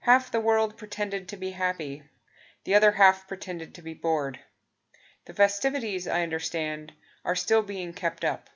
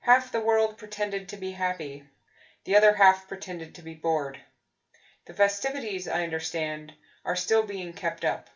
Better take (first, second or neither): first